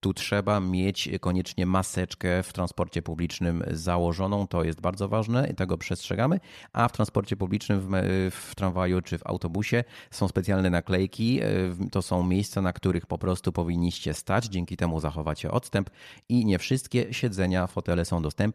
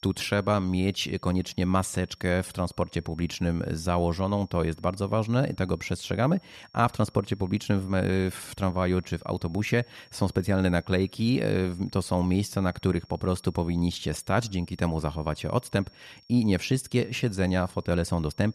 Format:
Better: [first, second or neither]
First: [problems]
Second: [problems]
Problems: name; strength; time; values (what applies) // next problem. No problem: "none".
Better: first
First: none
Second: high-pitched whine; faint; throughout; 5.5 kHz, 30 dB below the speech